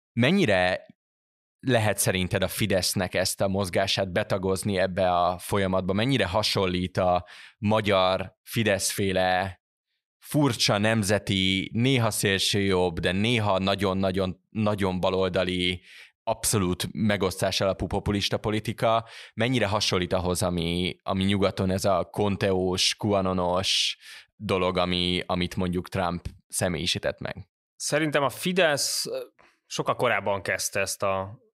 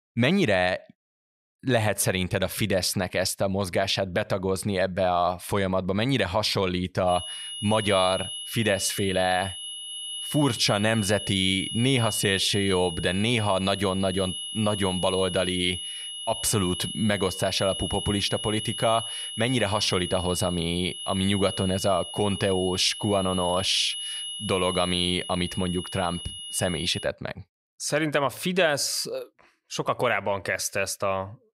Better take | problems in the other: first | high-pitched whine; loud; from 7 to 27 s; 3 kHz, 7 dB below the speech

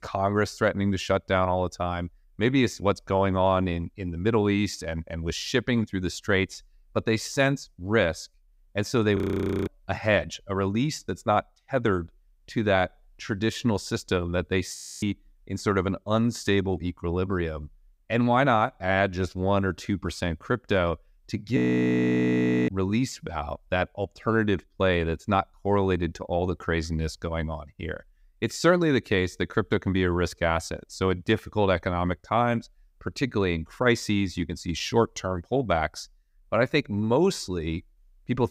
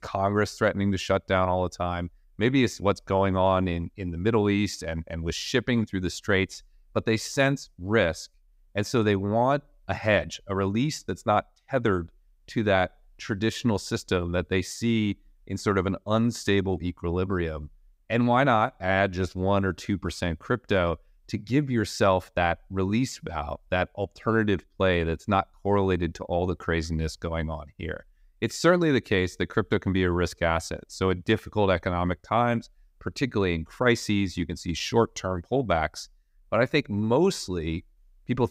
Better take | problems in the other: second | audio freezing; at 9 s for 0.5 s, at 15 s and at 22 s for 1 s

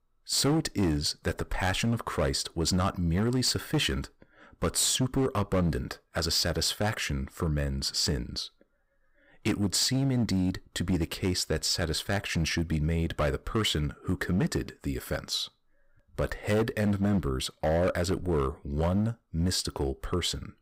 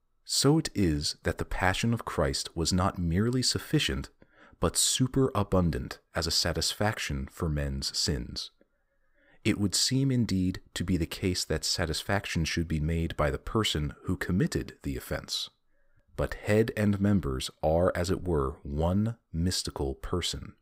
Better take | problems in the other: second | distortion; slight; 7% of the sound clipped

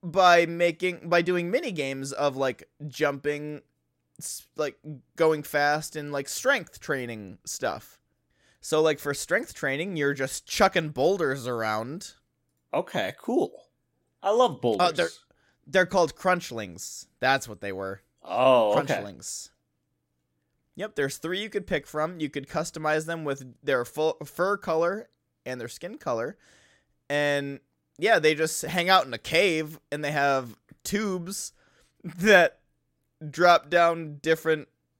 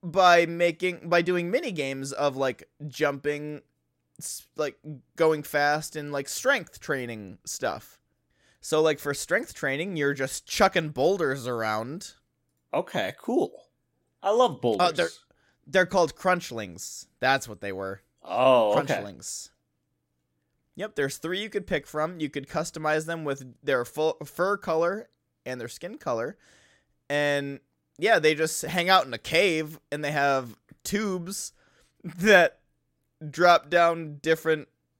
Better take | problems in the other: neither | none

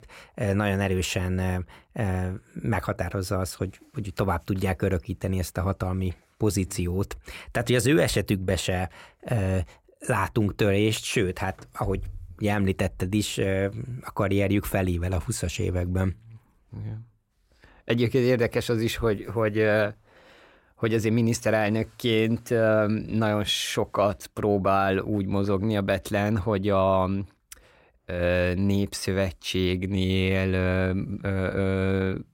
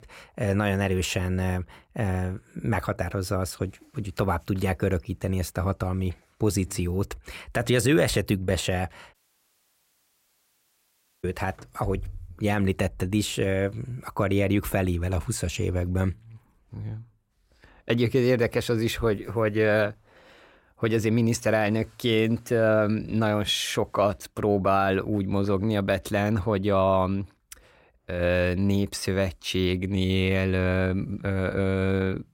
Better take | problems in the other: first | audio cutting out; at 9 s for 2 s

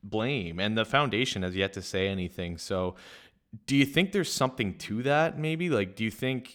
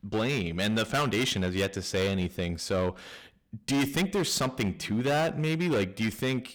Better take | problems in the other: first | distortion; heavy; 14% of the sound clipped

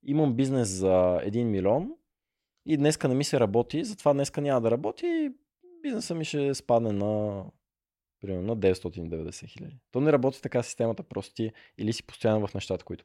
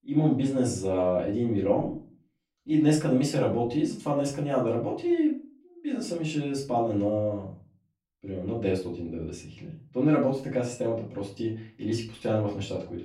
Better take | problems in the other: first | off-mic speech; far // room echo; slight; dies away in 0.3 s

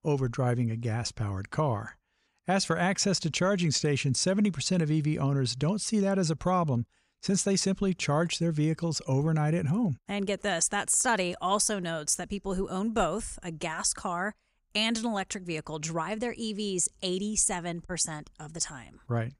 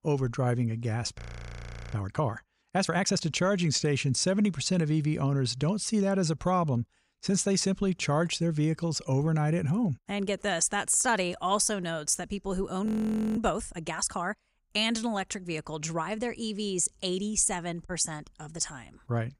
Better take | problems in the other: first | audio freezing; at 1 s for 0.5 s and at 13 s for 0.5 s

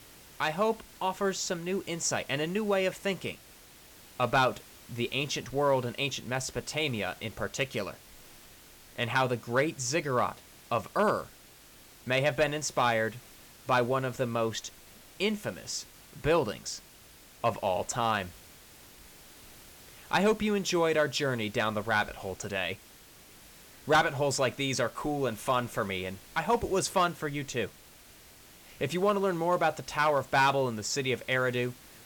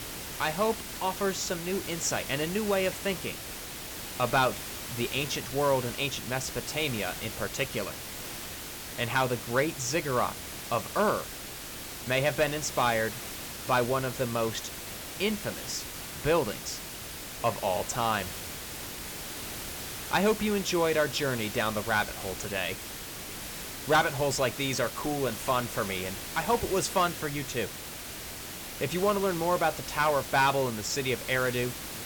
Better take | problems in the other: first | hiss; loud; throughout; 8 dB below the speech; faint in the first

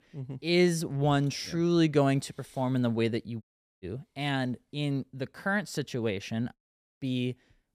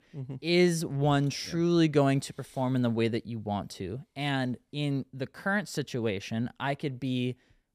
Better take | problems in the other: second | audio cutting out; at 3.5 s and at 6.5 s

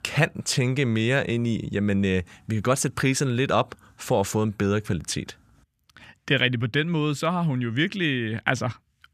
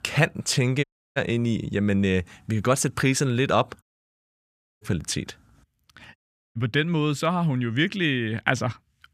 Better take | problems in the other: first | audio cutting out; at 1 s, at 4 s for 1 s and at 6 s

